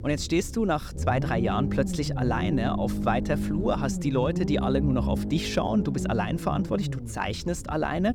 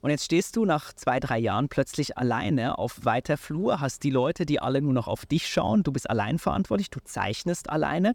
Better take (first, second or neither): second